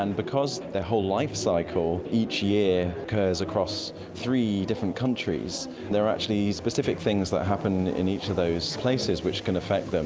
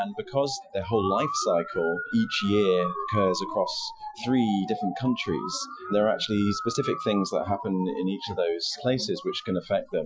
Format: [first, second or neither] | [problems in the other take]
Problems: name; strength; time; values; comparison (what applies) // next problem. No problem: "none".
first | noise reduction (classical method Wiener filter)